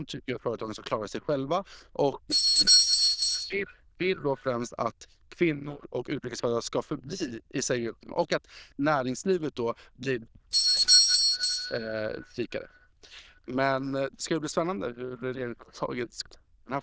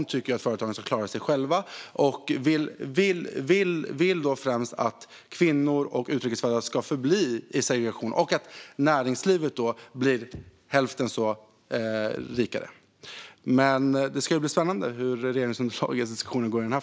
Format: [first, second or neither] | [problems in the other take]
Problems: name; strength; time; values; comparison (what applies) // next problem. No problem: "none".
second | noise reduction (neural diffusion model UNIVERSE++)